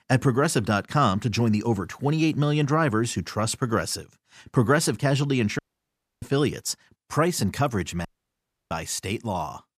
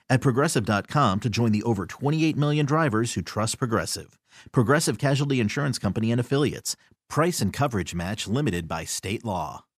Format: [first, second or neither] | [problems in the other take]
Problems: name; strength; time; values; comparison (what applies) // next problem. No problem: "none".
second | audio cutting out; at 5.5 s for 0.5 s and at 8 s for 0.5 s